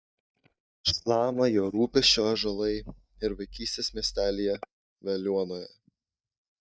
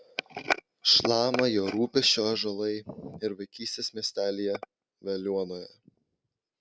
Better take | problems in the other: second | noise reduction (neural mask model DeepFilterNet 3)

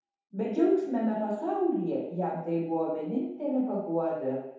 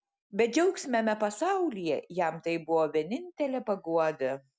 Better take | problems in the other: second | room echo; dies away in 0.8 s

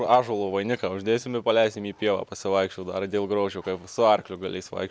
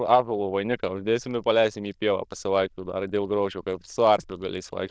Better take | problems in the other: first | noise reduction (neural diffusion model UNIVERSE++)

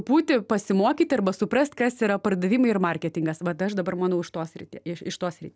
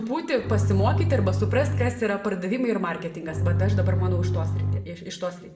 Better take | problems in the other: first | background sound (Bowed string instrument); 3 dB above the speech // room echo; dies away in 0.7 s

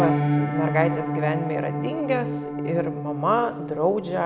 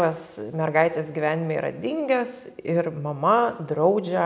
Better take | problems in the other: second | background sound (Piano); 1 dB below the speech

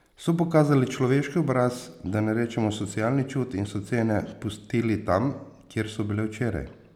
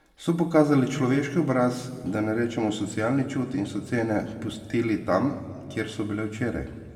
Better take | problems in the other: first | room echo; dies away in 1.9 s

